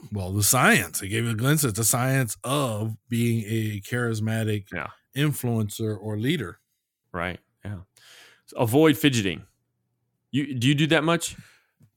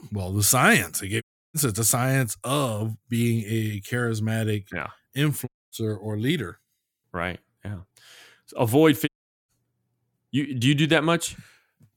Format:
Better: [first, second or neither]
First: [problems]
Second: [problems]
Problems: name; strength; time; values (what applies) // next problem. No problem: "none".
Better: first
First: none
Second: audio cutting out; at 1 s, at 5.5 s and at 9 s